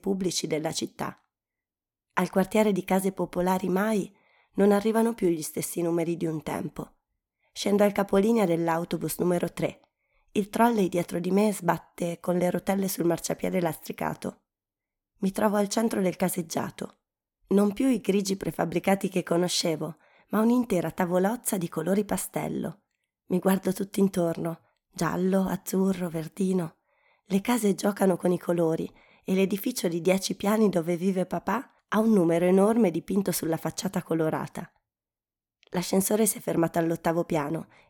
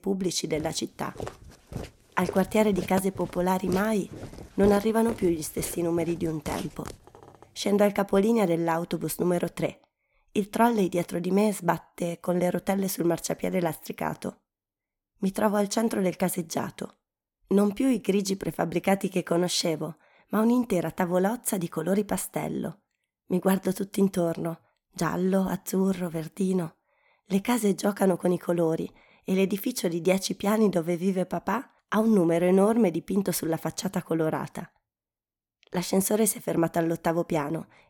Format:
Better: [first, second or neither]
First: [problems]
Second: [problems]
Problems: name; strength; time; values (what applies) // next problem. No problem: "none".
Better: first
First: none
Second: footsteps; noticeable; from 0.5 to 7 s; peak 9 dB below the speech